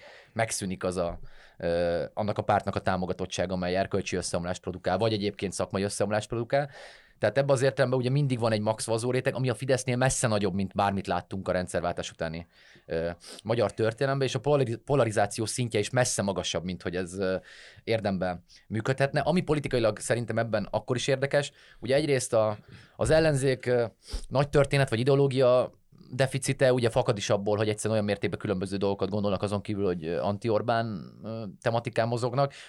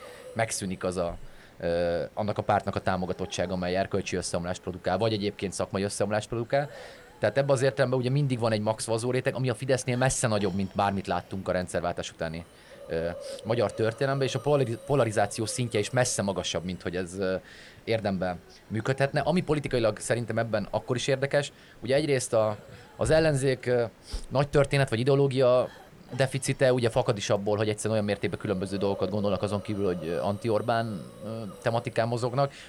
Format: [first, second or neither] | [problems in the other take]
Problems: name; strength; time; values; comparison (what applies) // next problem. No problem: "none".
first | hiss; faint; throughout; 20 dB below the speech